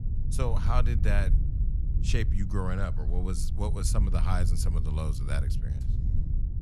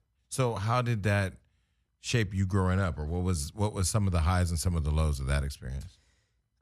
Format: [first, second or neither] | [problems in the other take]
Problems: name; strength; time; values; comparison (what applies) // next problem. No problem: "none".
second | low rumble; loud; throughout; 10 dB below the speech